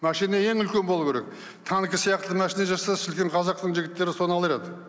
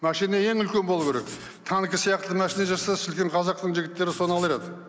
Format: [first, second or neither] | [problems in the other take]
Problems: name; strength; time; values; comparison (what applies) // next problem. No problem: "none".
first | background sound (Writing); 19 dB below the speech